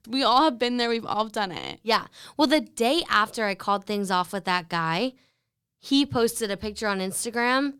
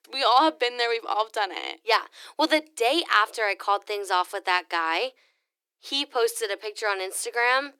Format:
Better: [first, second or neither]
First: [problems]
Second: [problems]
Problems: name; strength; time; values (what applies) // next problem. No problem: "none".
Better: first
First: none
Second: thin; very; fading below 300 Hz